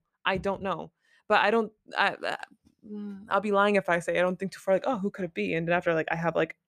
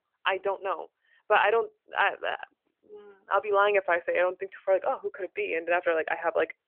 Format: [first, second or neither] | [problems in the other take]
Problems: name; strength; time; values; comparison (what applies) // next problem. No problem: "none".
first | phone-call audio; nothing above 3 kHz